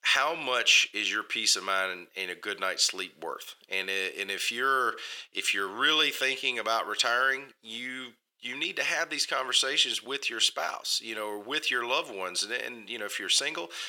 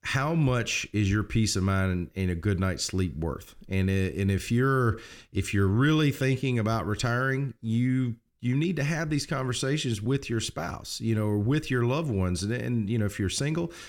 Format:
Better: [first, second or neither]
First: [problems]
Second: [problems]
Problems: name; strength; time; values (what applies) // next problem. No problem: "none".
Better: second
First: thin; very; fading below 600 Hz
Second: none